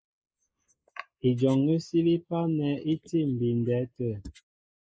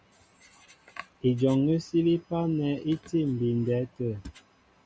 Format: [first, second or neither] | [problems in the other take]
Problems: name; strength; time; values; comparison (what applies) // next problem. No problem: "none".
second | noise reduction (neural mask model Resemble Enhance denoiser)